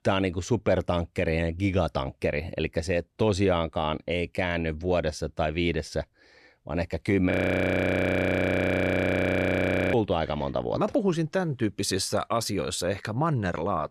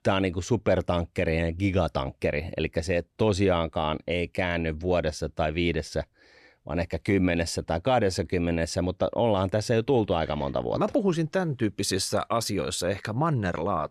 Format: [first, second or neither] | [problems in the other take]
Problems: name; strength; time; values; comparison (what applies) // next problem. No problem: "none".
second | audio freezing; at 7.5 s for 2.5 s